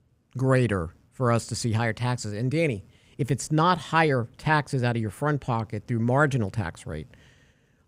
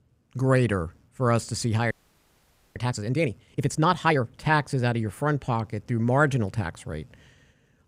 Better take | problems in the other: first | audio freezing; at 2 s for 1 s

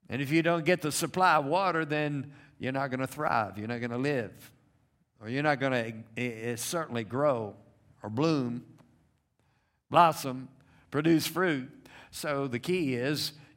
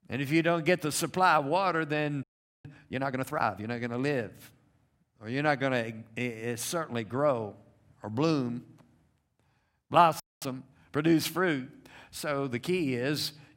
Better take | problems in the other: first | audio freezing; at 2 s and at 10 s

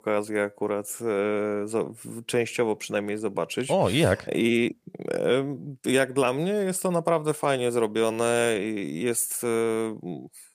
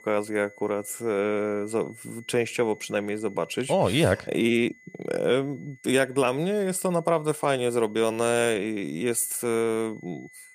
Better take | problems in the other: first | high-pitched whine; faint; throughout; 2 kHz, 25 dB below the speech

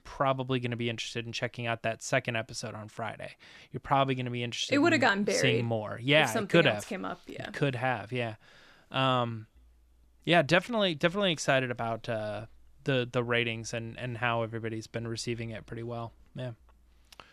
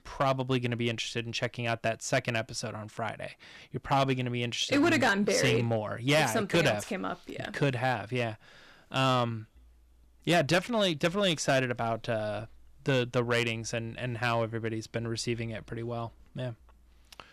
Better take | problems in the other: first | distortion; slight; 4% of the sound clipped

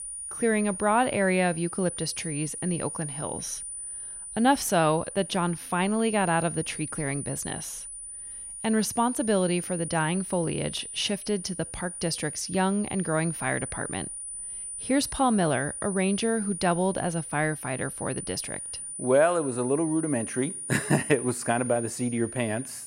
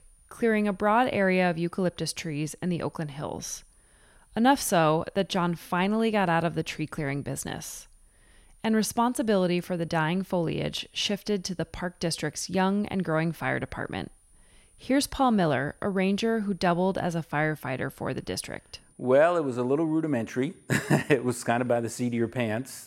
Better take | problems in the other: second | high-pitched whine; loud; throughout; 9.5 kHz, 8 dB below the speech; faint in the second

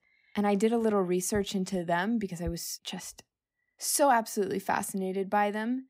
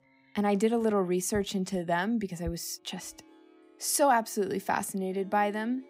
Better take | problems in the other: first | background music; faint; throughout; 30 dB below the speech

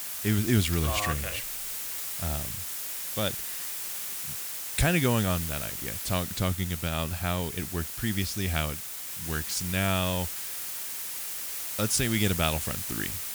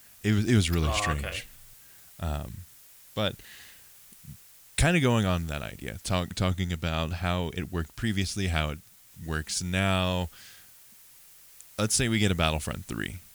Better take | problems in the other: second | hiss; loud; throughout; 2 dB below the speech; faint in the second

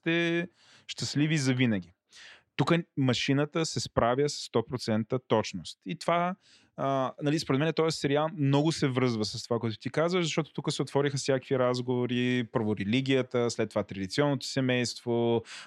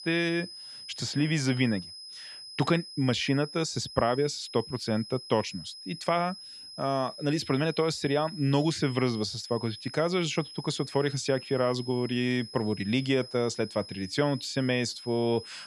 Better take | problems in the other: first | high-pitched whine; noticeable; throughout; 5 kHz, 15 dB below the speech

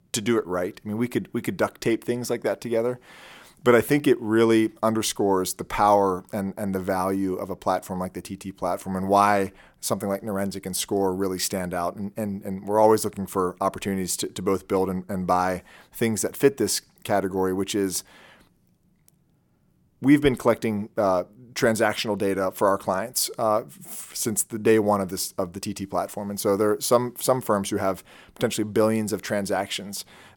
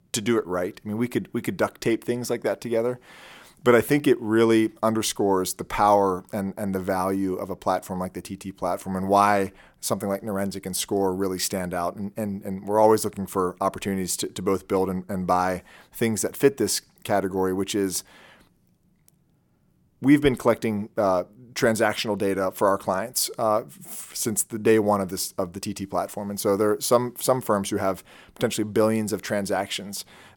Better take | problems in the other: neither | none

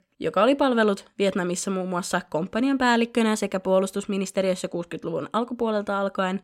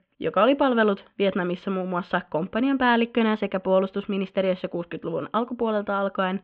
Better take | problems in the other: first | muffled; very; fading above 3 kHz

